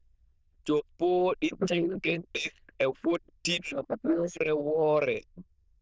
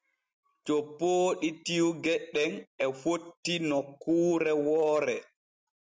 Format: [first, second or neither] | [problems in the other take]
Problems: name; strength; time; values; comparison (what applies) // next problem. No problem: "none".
second | noise reduction (neural diffusion model UNIVERSE++)